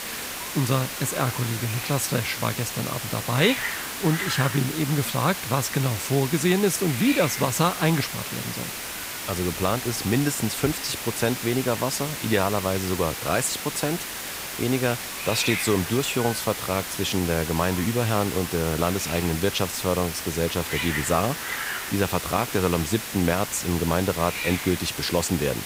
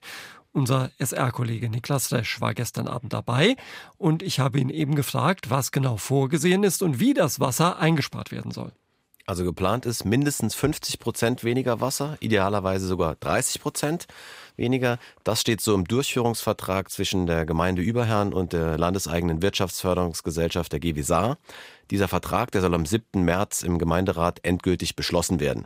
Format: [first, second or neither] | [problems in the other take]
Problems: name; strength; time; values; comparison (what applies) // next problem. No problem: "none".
second | hiss; loud; throughout; 5 dB below the speech